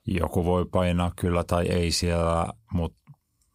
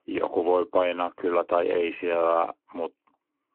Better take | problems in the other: first | phone-call audio

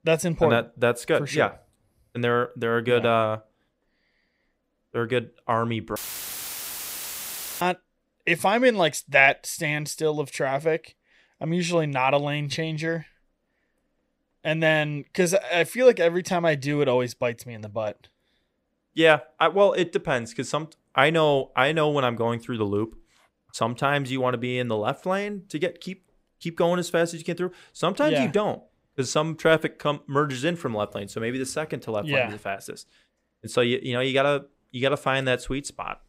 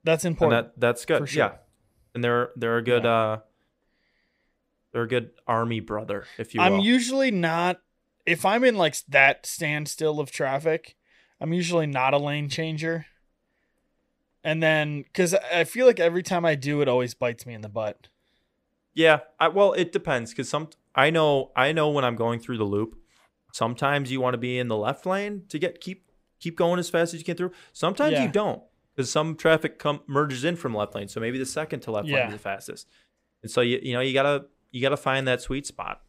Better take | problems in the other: second | audio cutting out; filled with static; at 6 s for 1.5 s

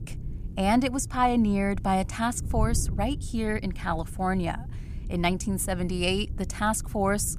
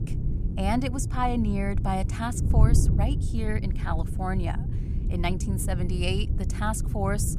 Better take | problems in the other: first | wind noise on the microphone; heavy; 9 dB below the speech; occasional gusts in the first

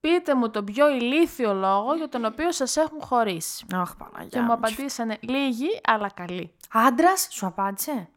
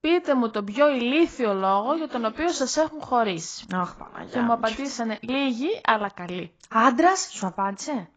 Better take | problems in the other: first | garbled, watery; badly; nothing above 7.5 kHz

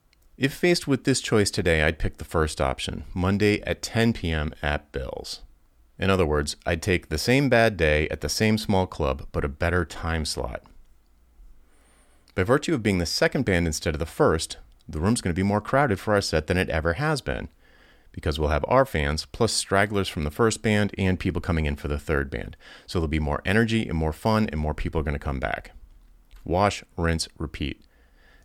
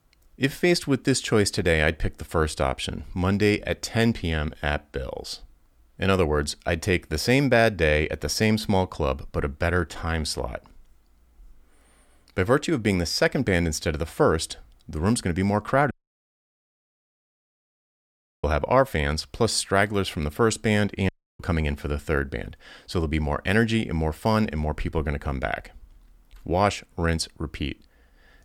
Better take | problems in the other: first | audio cutting out; at 16 s for 2.5 s and at 21 s

